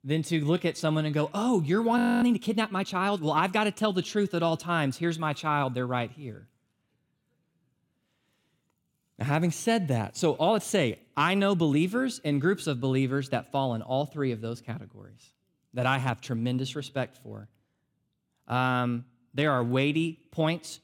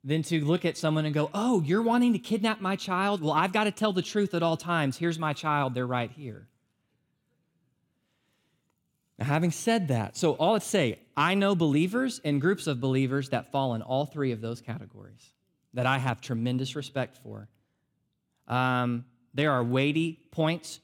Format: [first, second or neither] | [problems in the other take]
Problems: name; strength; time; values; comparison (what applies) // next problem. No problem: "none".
second | audio freezing; at 2 s